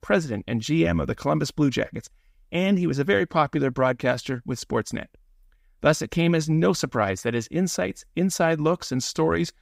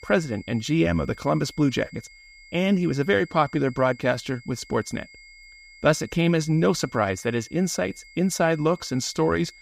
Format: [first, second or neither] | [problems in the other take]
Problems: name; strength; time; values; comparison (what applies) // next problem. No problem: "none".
first | high-pitched whine; faint; throughout; 2 kHz, 25 dB below the speech